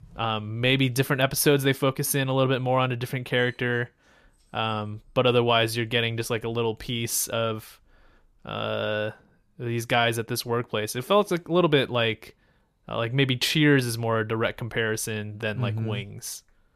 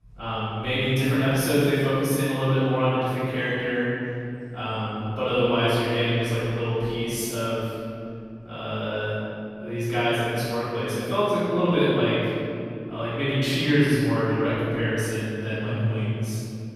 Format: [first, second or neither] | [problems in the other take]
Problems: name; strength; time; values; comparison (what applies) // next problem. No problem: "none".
first | off-mic speech; far // room echo; strong; dies away in 2.9 s